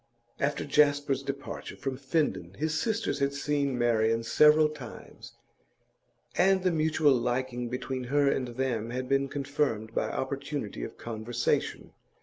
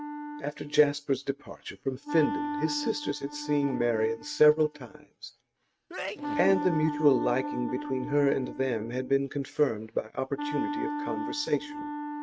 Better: first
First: none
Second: noise reduction (neural mask model RNNoise)

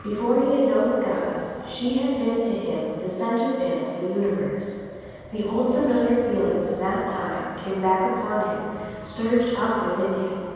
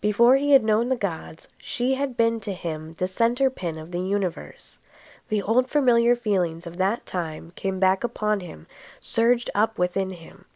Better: second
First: background sound (Wind); 18 dB below the speech // room echo; dies away in 2.1 s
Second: none

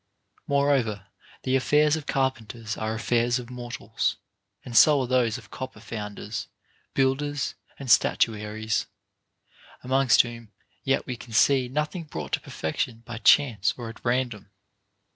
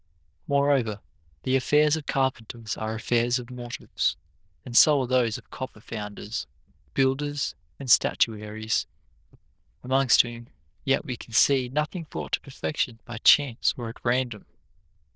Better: first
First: none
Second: noise reduction (neural diffusion model UNIVERSE++)

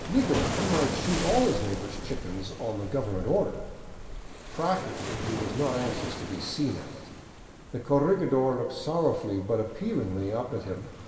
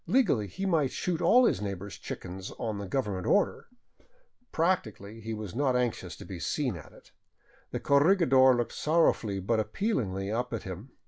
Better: second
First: background sound (Waves, surf); 7 dB below the speech // room echo; dies away in 2.2 s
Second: none

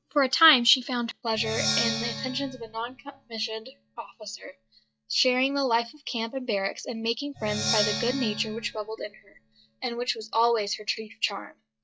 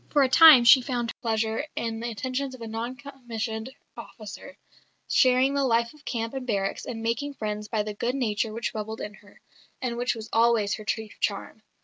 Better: second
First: noise reduction (classical method log-MMSE)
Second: none

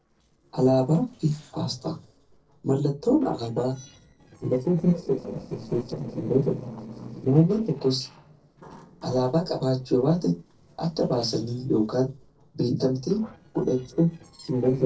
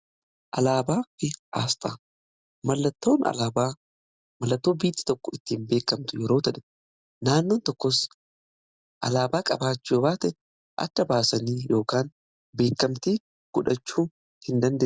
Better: second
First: noise reduction (neural separator model SepFormer DNS4)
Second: none

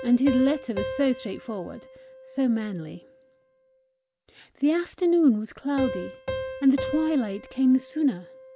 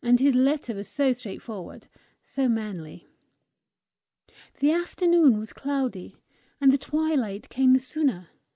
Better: second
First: background sound (Piano); 11 dB below the speech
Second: none

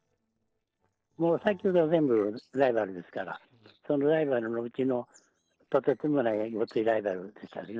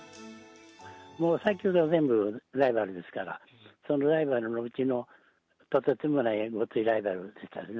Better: second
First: noise reduction (neural separator model SepFormer DNS4)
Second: none

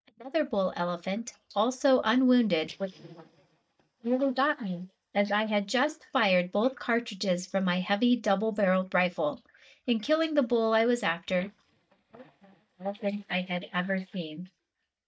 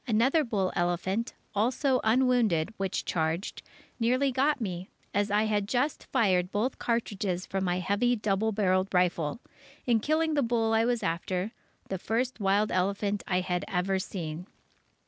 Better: second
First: noise reduction (neural mask model DeepFilterNet 3)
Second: none

